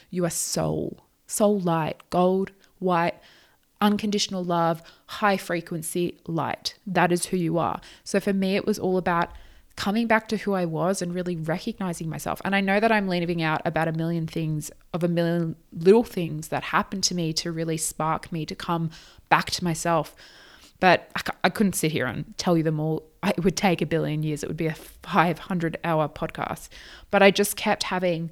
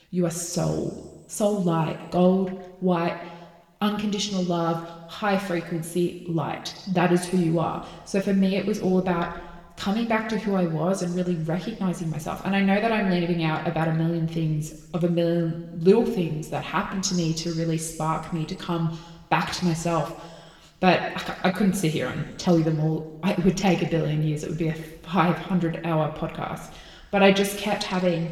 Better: first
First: none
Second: room echo; slight; dies away in 1.2 s // off-mic speech; somewhat distant

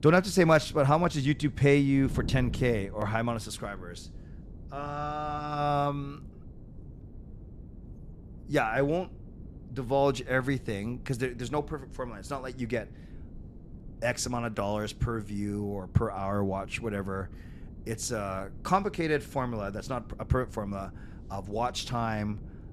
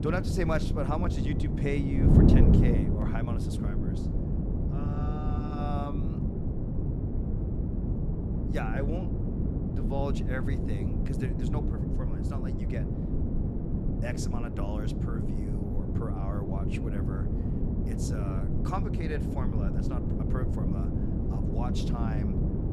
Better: first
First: wind noise on the microphone; occasional gusts; 25 dB below the speech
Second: wind noise on the microphone; heavy; 1 dB above the speech

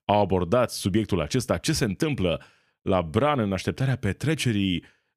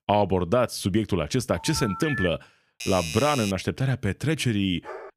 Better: first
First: none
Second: phone ringing; noticeable; at 1.5 s; peak 5 dB below the speech // doorbell; noticeable; at 3 s; peak 5 dB below the speech // dog barking; faint; at 5 s; peak 15 dB below the speech

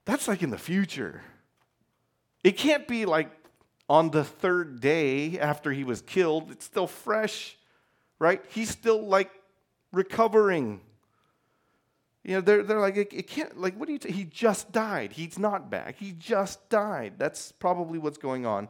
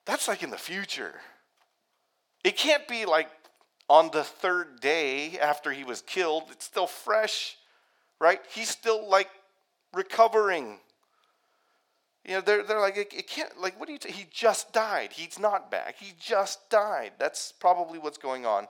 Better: first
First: none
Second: thin; very; fading below 550 Hz

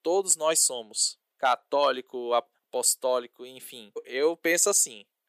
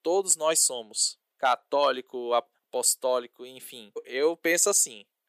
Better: neither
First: thin; very; fading below 300 Hz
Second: thin; very; fading below 300 Hz

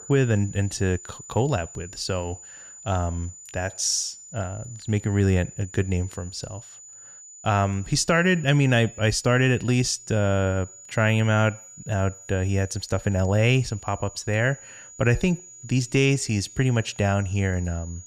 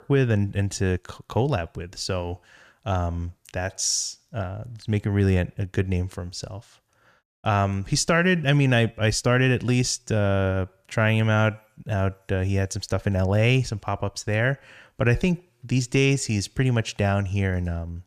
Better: second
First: high-pitched whine; noticeable; throughout; 7 kHz, 20 dB below the speech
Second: none

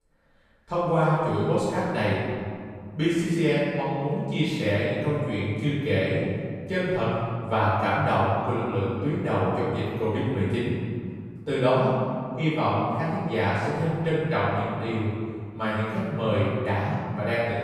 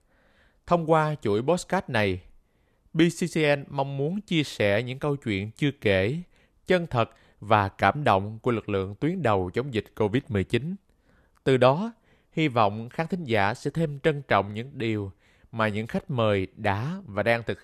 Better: second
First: off-mic speech; far // room echo; strong; dies away in 1.9 s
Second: none

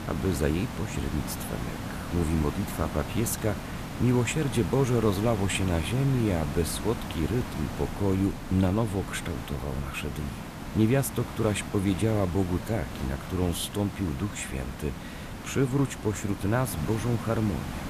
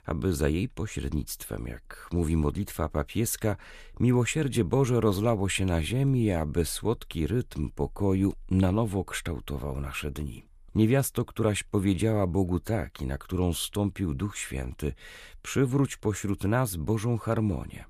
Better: second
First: hiss; loud; throughout; 8 dB below the speech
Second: none

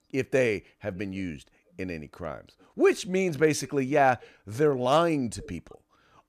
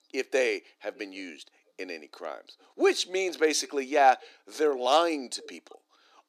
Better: first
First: none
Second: thin; somewhat; fading below 300 Hz

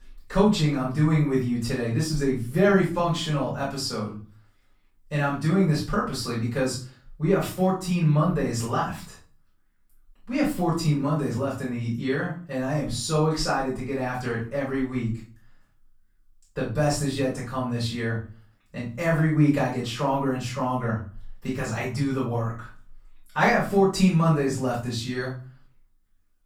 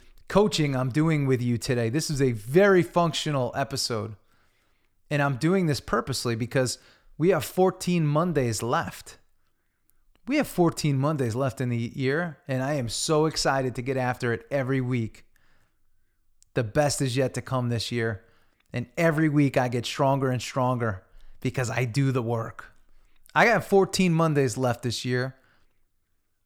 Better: second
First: off-mic speech; far // room echo; noticeable; dies away in 0.3 s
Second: none

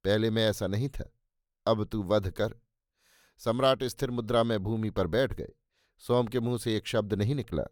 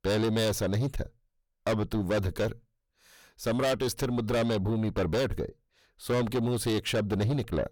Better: first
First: none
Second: distortion; heavy; 6 dB below the speech

